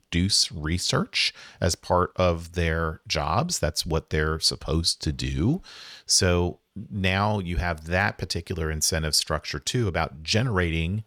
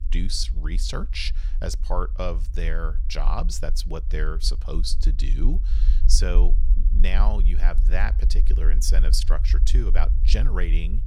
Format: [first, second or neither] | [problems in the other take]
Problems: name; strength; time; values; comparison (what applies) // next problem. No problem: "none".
first | low rumble; noticeable; throughout; 15 dB below the speech